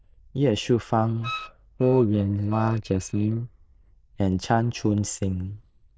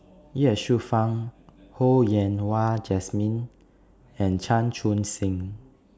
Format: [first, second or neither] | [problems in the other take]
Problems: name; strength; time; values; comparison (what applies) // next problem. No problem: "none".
second | noise reduction (neural diffusion model UNIVERSE++)